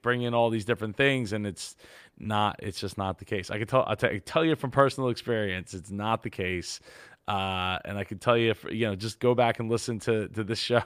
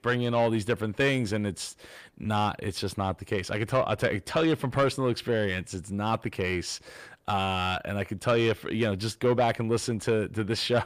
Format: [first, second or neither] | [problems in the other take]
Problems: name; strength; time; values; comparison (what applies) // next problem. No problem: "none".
first | distortion; slight; 10 dB below the speech